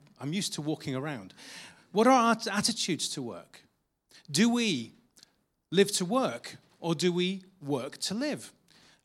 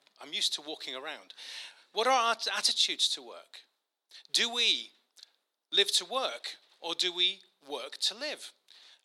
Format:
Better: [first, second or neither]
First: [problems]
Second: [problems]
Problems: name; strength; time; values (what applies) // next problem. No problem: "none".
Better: first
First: none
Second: thin; very; fading below 450 Hz